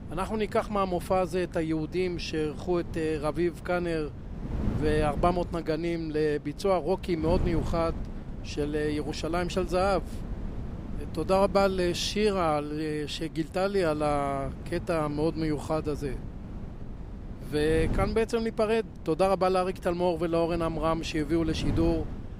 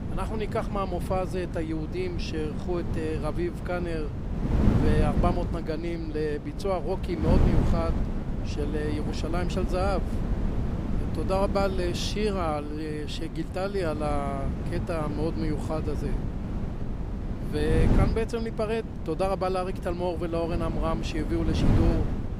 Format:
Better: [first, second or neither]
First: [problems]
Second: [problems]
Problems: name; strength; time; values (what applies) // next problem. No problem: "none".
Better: first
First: wind noise on the microphone; occasional gusts; 15 dB below the speech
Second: wind noise on the microphone; heavy; 7 dB below the speech